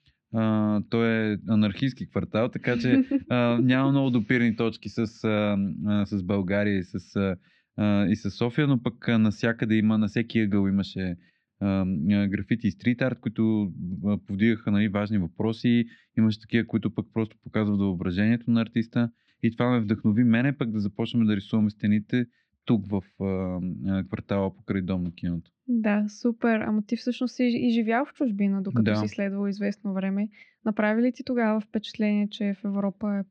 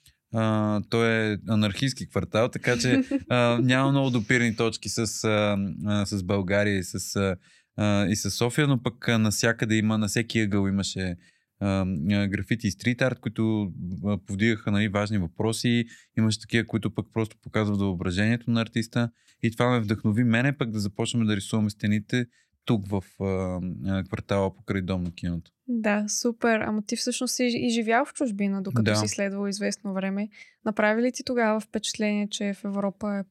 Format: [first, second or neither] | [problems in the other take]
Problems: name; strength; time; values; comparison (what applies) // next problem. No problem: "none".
second | muffled; slightly; fading above 4 kHz